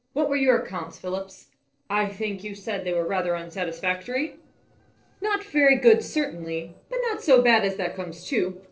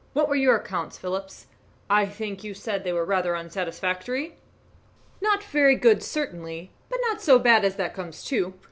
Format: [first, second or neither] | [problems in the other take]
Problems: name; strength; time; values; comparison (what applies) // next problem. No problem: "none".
second | noise reduction (neural separator model SepFormer DNS4)